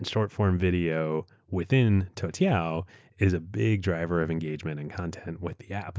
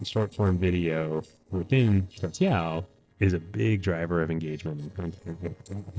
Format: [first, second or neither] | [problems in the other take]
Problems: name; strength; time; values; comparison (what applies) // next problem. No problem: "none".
first | noise reduction (neural separator model SepFormer DNS4)